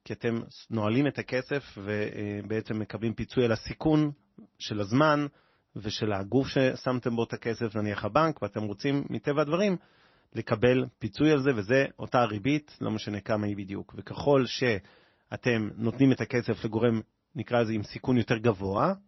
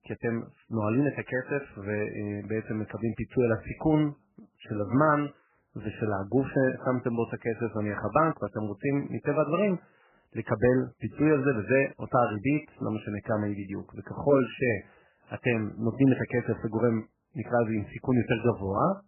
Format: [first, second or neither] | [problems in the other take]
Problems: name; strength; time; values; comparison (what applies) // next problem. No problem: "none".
first | garbled, watery; badly; nothing above 3 kHz; slightly in the first